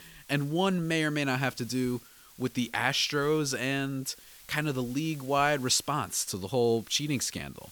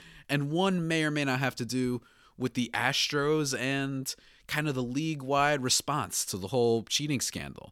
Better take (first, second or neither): second